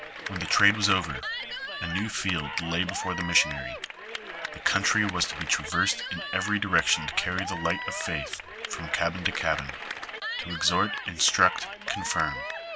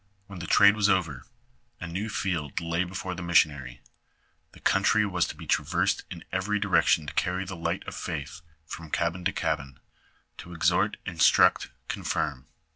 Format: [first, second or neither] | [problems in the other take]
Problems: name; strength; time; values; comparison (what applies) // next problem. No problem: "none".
second | background sound (Cheering / Clapping); 7 dB below the speech